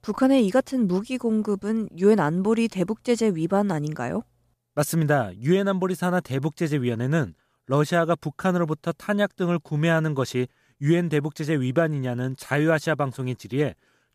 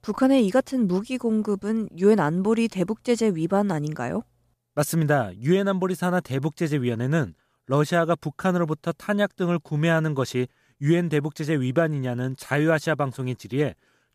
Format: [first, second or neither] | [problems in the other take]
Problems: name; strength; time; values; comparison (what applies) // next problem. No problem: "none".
neither | none